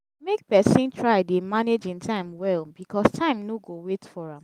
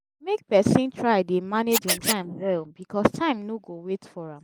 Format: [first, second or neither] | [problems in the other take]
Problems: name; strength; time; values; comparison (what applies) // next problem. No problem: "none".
first | noise reduction (neural mask model Resemble Enhance denoiser)